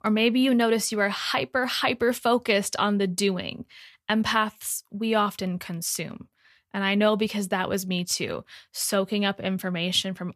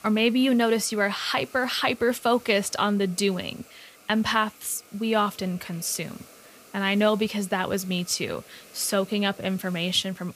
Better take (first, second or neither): first